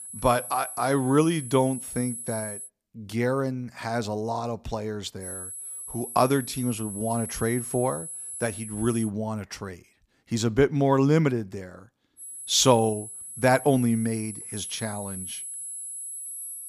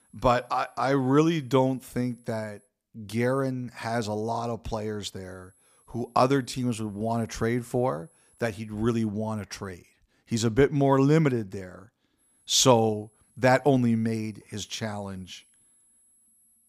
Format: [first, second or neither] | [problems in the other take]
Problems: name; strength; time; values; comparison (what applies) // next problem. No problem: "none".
second | high-pitched whine; loud; until 2.5 s, from 5 to 9 s and from 12 s on; 10.5 kHz, 9 dB below the speech; faint in the second